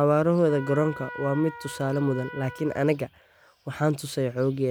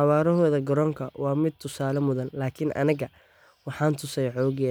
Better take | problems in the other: second | background sound (Trumpet); 17 dB below the speech

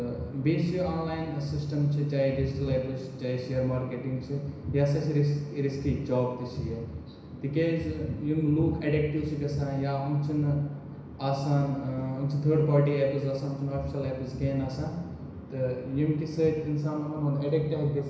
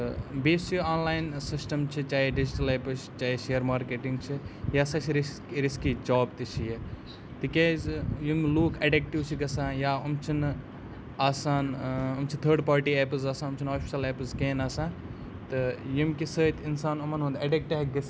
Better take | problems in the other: second | room echo; dies away in 1 s

